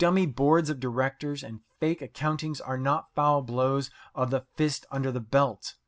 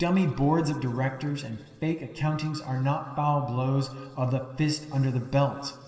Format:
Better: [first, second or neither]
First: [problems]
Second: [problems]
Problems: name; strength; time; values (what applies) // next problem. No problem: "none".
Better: first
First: none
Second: room echo; dies away in 2.4 s